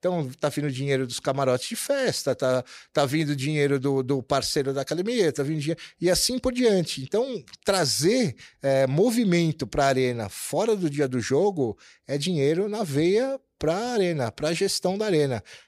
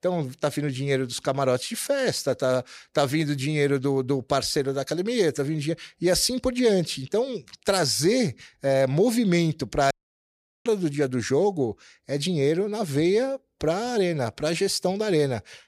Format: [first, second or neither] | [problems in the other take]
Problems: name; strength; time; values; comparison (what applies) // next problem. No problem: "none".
first | audio cutting out; at 10 s for 0.5 s